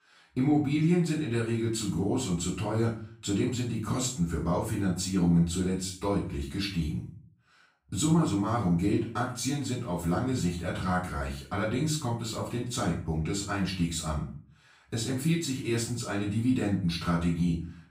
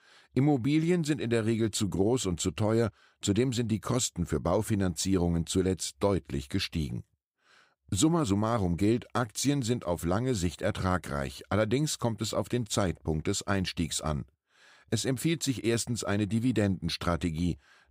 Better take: second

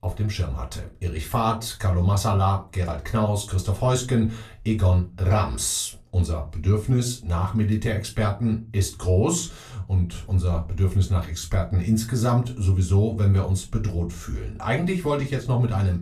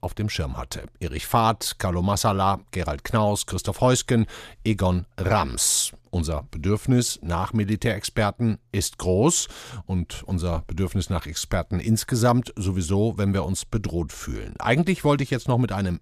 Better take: second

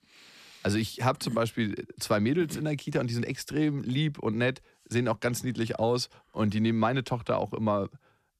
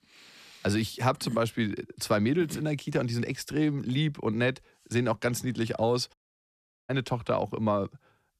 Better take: first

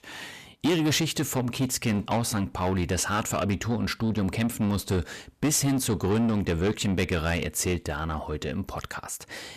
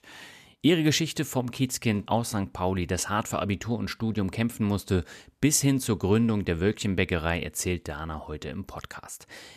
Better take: second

